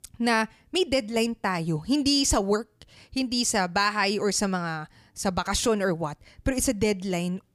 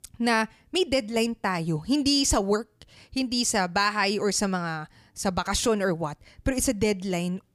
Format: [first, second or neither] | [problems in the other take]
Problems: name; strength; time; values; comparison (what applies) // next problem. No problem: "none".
neither | none